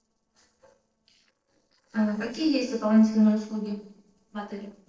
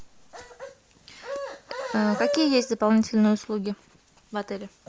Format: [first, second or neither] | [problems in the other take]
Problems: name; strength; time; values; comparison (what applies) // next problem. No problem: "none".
second | noise reduction (neural separator model SepFormer DNS4)